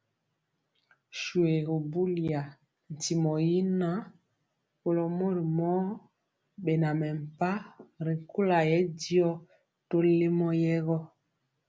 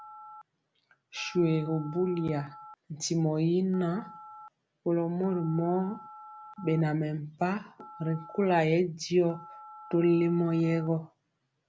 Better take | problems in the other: first | background sound (Telephone); 20 dB below the speech

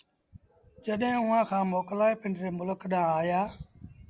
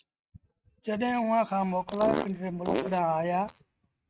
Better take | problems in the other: first | noise reduction (neural mask model RNNoise)

